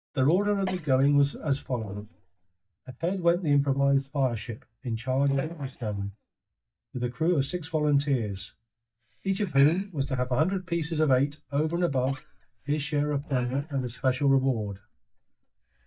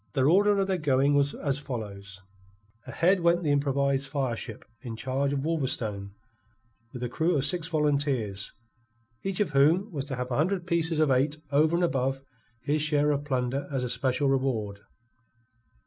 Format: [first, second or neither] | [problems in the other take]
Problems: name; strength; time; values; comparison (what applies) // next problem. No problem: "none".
second | noise reduction (neural mask model DeepFilterNet 3)